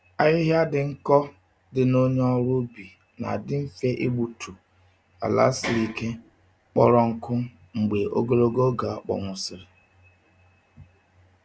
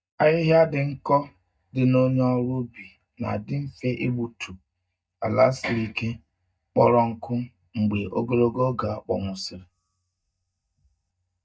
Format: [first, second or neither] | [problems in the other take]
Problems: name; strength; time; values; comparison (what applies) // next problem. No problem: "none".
first | noise reduction (neural mask model DeepFilterNet 3)